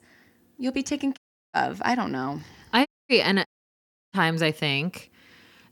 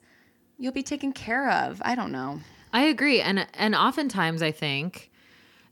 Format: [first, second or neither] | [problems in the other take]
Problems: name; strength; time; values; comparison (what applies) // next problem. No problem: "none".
second | audio cutting out; at 1 s, at 3 s and at 3.5 s for 0.5 s